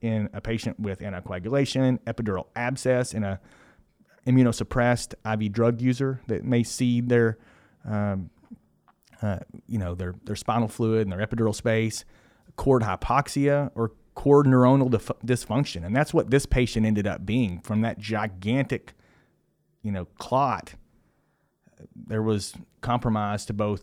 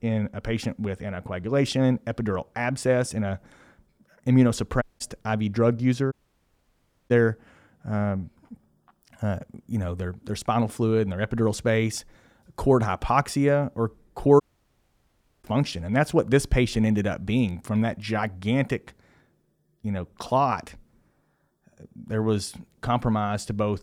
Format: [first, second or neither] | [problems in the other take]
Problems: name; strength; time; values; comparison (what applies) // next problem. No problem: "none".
first | audio cutting out; at 5 s, at 6 s for 1 s and at 14 s for 1 s